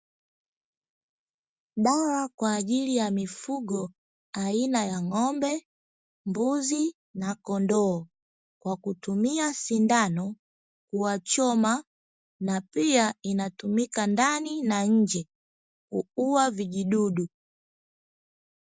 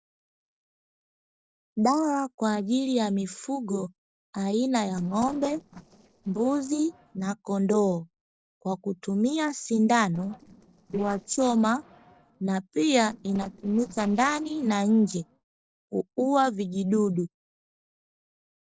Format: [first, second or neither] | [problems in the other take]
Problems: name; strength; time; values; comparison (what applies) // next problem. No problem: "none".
first | noise reduction (neural separator model SepFormer DNS4)